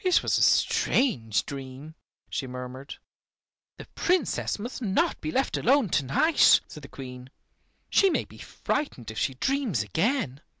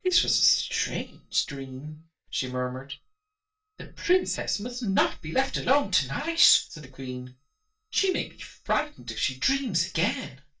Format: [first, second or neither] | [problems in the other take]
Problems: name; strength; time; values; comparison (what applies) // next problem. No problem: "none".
first | noise reduction (neural mask model DeepFilterNet 3)